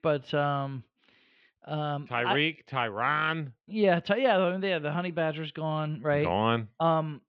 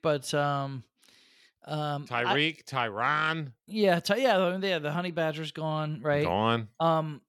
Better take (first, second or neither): second